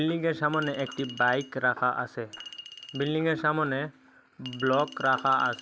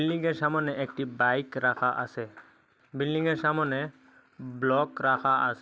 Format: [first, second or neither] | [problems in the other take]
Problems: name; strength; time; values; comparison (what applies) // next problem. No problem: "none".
second | background sound (Chink, clink); 18 dB below the speech